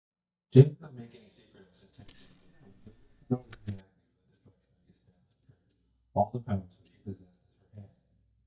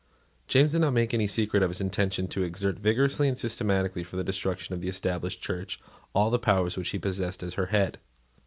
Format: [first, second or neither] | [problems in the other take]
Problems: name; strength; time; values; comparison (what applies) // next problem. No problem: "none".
second | noise reduction (neural mask model DeepFilterNet 3)